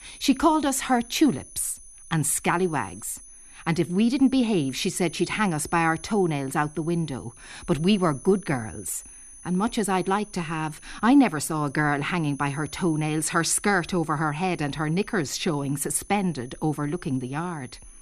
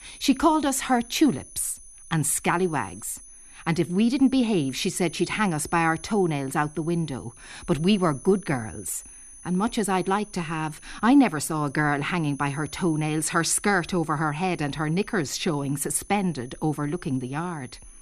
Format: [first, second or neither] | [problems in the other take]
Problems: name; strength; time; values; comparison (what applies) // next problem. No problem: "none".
neither | high-pitched whine; noticeable; throughout; 10 kHz, 20 dB below the speech; the same in both